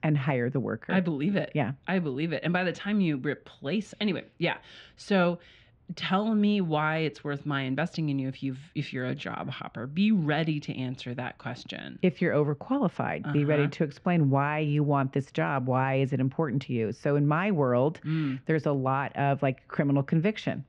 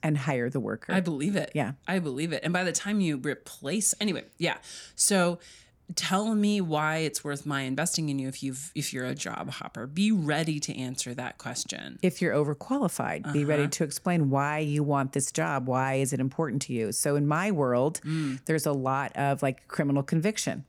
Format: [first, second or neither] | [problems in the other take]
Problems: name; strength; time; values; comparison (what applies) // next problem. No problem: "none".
second | muffled; very; fading above 3.5 kHz